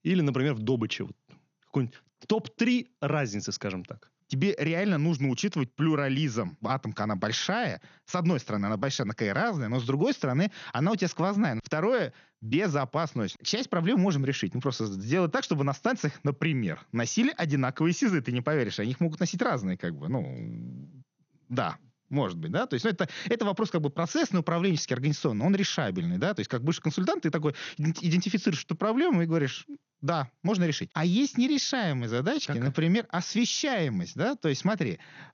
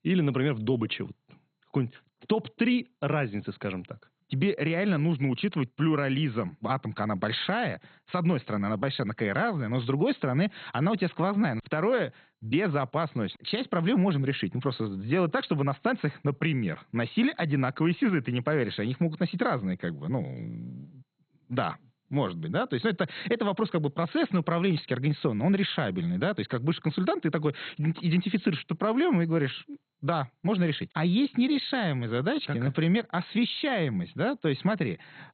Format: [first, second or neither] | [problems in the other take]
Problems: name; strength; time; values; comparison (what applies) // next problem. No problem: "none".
first | garbled, watery; badly; nothing above 4 kHz; slightly in the first